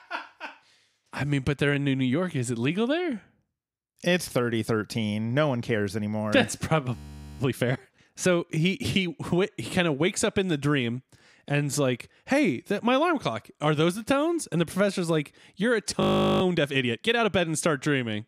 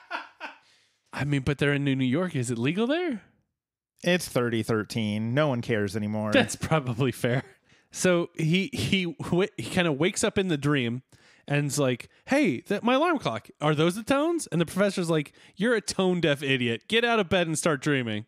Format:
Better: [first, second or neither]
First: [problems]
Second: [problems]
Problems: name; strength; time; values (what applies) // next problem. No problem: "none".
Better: second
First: audio freezing; at 7 s and at 16 s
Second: none